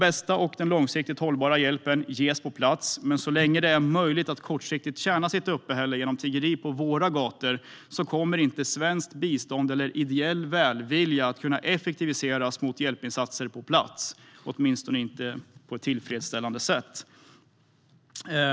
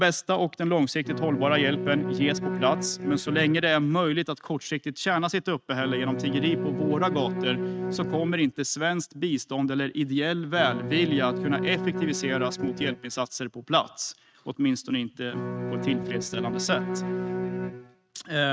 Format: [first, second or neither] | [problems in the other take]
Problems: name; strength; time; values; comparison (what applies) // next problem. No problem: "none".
first | noise reduction (neural mask model RNNoise)